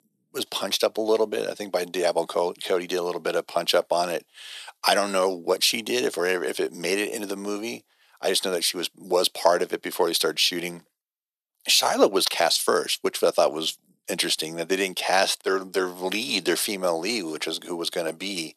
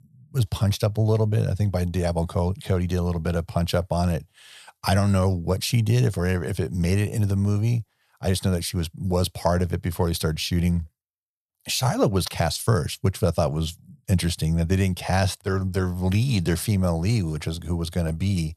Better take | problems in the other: second | thin; very; fading below 300 Hz

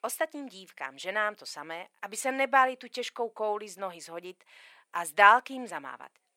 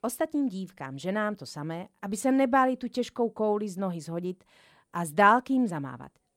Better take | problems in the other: second | thin; very; fading below 650 Hz

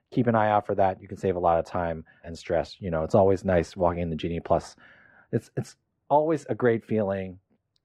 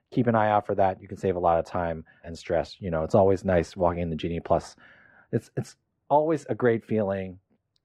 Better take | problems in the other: neither | muffled; very; fading above 3 kHz; the same in both

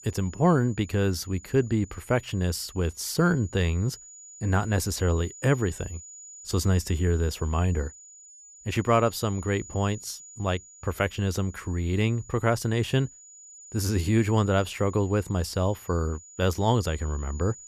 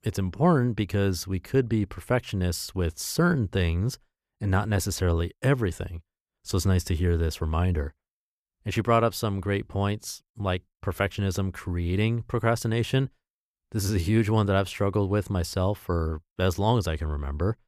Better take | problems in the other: second | high-pitched whine; noticeable; throughout; 7 kHz, 20 dB below the speech

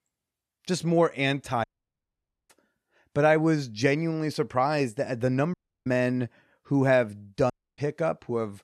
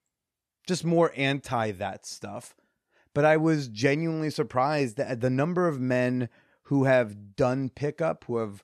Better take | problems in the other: second | audio cutting out; at 1.5 s for 1 s, at 5.5 s and at 7.5 s

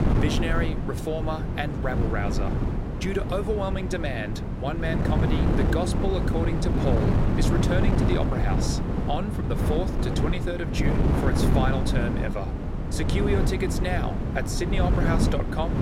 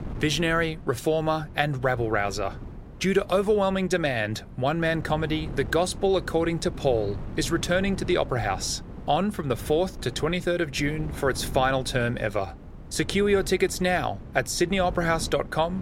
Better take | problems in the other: second | wind noise on the microphone; heavy; 1 dB below the speech; occasional gusts in the second

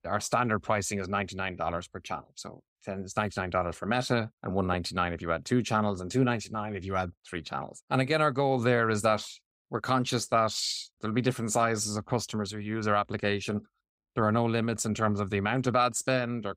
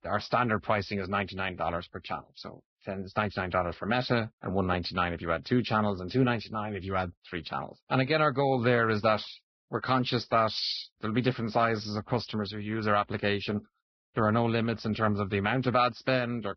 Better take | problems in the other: first | garbled, watery; badly; nothing above 5 kHz

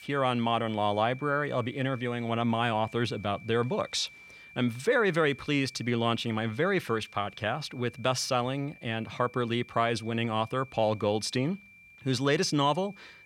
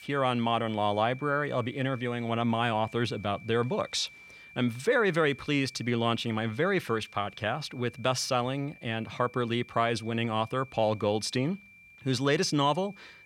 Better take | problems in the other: neither | high-pitched whine; faint; throughout; 2.5 kHz, 20 dB below the speech; the same in both

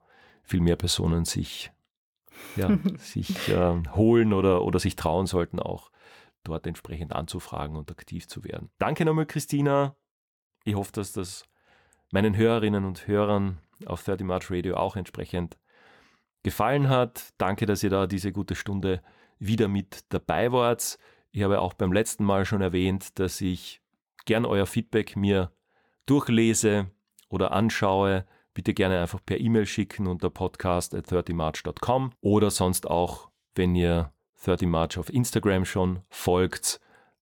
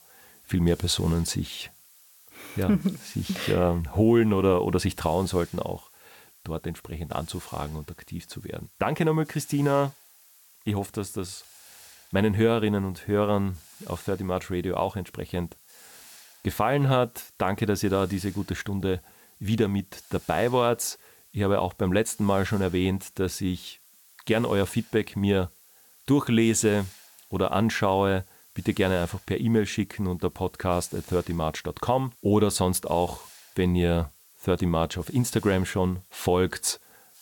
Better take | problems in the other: first | hiss; faint; throughout; 25 dB below the speech

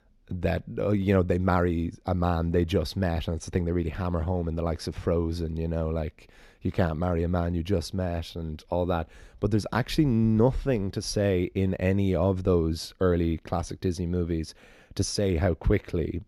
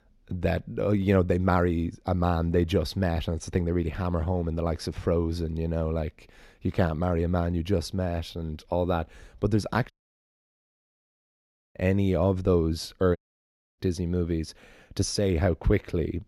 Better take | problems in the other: first | audio cutting out; at 10 s for 2 s and at 13 s for 0.5 s

